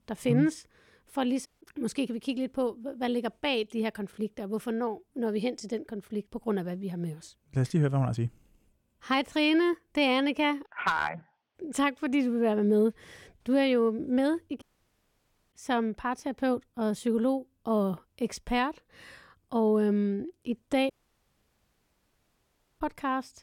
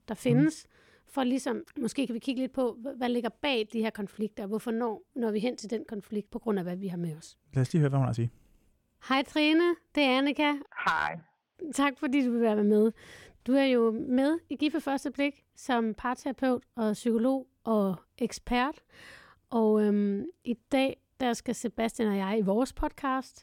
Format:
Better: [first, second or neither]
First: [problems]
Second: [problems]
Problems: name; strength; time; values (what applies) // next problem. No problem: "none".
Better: second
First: audio cutting out; at 1.5 s, at 15 s for 1 s and at 21 s for 2 s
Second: none